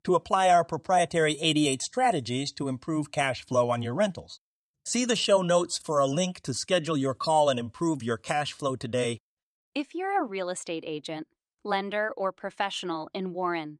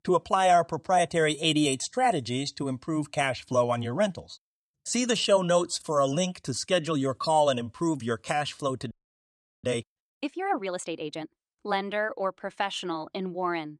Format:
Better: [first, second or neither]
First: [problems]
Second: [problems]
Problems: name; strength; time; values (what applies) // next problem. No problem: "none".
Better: first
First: none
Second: audio freezing; at 9 s for 0.5 s